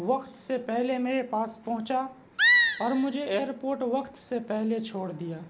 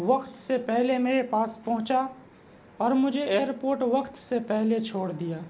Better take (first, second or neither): second